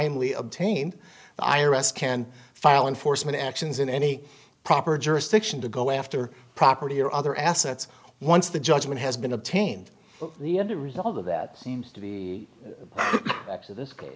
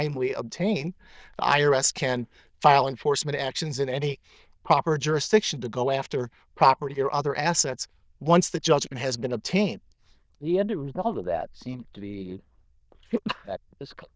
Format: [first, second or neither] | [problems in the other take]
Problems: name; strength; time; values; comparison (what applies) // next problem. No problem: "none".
first | noise reduction (neural diffusion model UNIVERSE++)